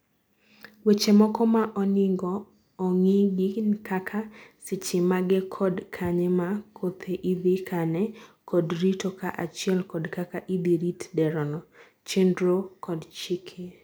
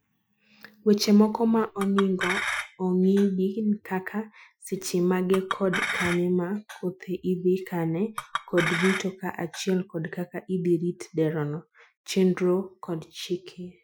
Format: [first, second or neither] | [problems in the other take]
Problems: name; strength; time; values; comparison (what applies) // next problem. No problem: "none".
first | noise reduction (classical method Wiener filter)